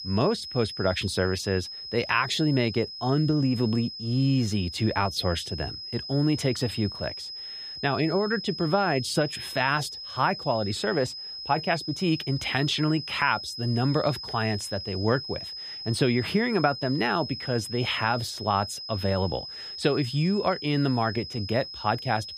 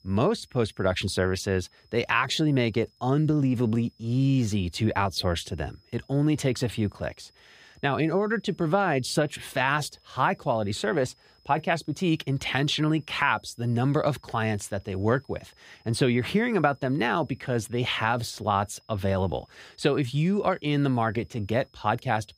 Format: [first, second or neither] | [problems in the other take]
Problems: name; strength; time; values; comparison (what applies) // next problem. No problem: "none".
second | high-pitched whine; loud; throughout; 5 kHz, 9 dB below the speech; faint in the second